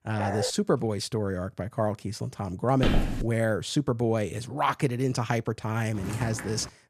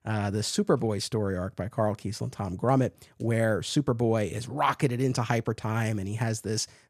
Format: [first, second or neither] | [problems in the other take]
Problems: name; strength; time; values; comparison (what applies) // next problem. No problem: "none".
second | dog barking; noticeable; at the start; peak 3 dB below the speech // footsteps; loud; at 3 s; peak 1 dB above the speech // footsteps; noticeable; at 6 s; peak 8 dB below the speech